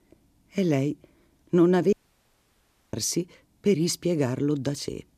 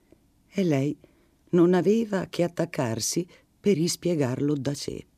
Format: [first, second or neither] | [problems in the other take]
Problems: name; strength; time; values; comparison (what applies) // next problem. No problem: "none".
second | audio cutting out; at 2 s for 1 s